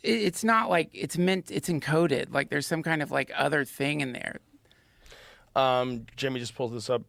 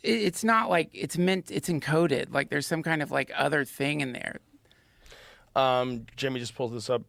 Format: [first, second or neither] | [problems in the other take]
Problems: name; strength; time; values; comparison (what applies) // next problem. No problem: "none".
neither | none